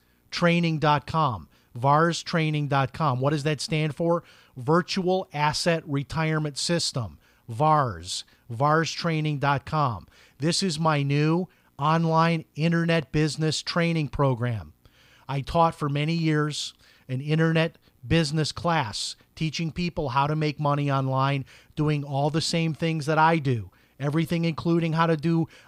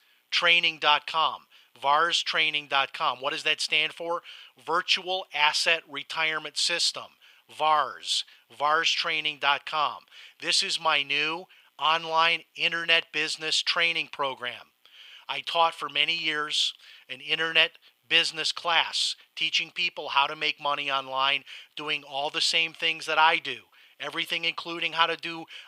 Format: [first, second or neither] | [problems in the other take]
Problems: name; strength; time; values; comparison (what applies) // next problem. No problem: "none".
first | thin; very; fading below 700 Hz